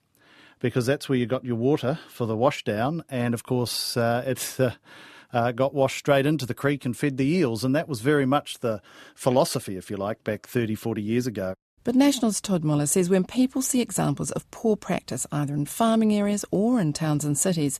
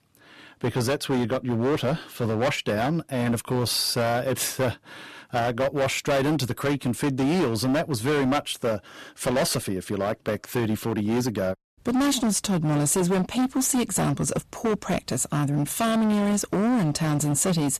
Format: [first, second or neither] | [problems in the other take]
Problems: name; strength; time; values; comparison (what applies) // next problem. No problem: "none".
first | distortion; heavy; 19% of the sound clipped